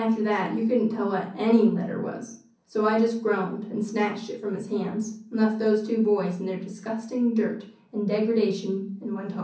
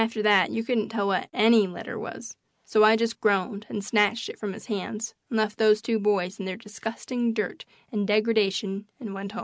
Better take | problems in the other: second | room echo; dies away in 0.6 s

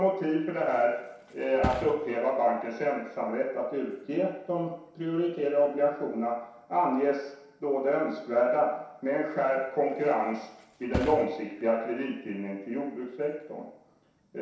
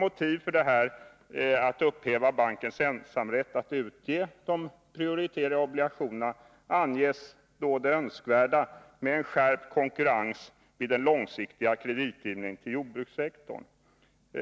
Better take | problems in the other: second | background sound (Thump, thud); 16 dB below the speech // room echo; dies away in 0.7 s

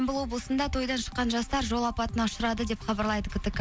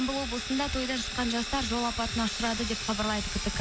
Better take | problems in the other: first | background sound (Sawing); 5 dB below the speech

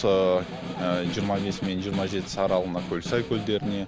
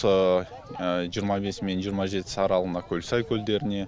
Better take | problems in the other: second | background sound (Snare drum); 9 dB below the speech

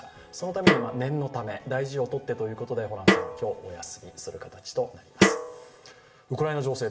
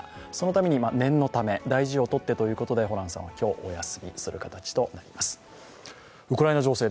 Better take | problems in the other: second | background sound (Snare drum); 4 dB above the speech // room echo; dies away in 0.6 s

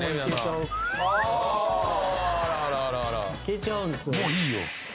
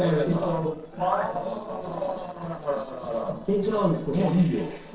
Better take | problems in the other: first | noise reduction (neural separator model SepFormer DNS4)

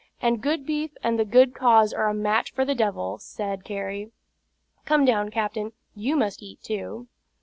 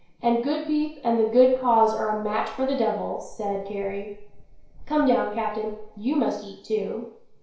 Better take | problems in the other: first | background sound (Thunder / Wind / Bird vocalization, bird call, bird song); 18 dB below the speech // room echo; dies away in 0.6 s

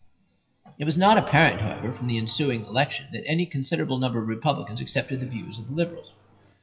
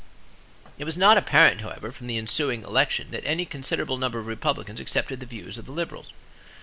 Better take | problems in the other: second | noise reduction (classical method WPE with log-MMSE)

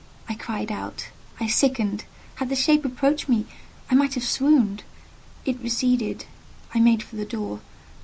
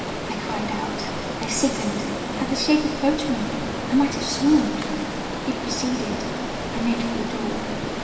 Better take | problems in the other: first | background sound (Stream); 4 dB below the speech // room echo; dies away in 2.5 s

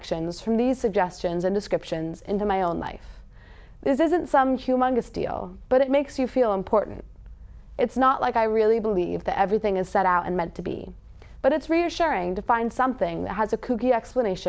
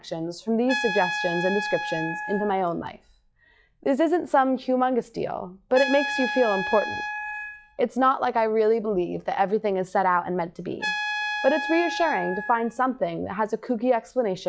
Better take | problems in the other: first | noise reduction (classical method log-MMSE)

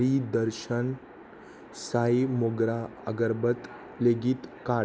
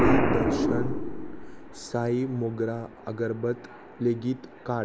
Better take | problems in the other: first | background sound (Explosion); 1 dB above the speech

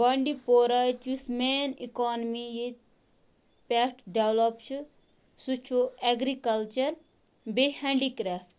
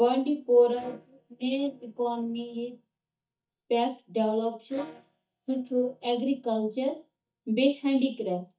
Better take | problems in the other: first | noise reduction (neural mask model DeepFilterNet 3)

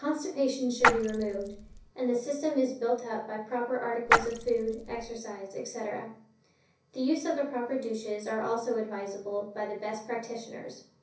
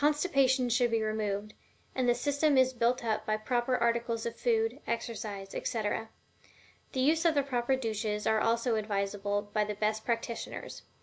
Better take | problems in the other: second | background sound (Splash, splatter); 2 dB above the speech // room echo; dies away in 0.6 s

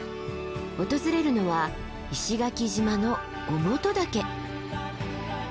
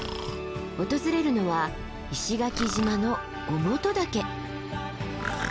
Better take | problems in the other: first | background sound (Breathing); 12 dB below the speech

